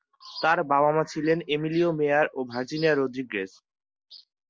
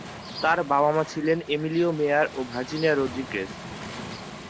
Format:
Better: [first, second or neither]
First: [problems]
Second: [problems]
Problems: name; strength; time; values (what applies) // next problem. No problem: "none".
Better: first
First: none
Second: background sound (Waves, surf); 14 dB below the speech